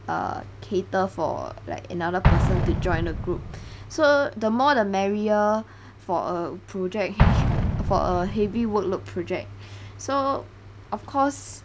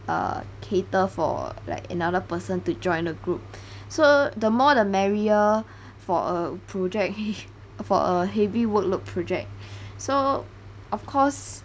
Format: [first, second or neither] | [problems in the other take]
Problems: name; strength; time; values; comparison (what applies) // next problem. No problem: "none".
second | background sound (Explosion); 3 dB below the speech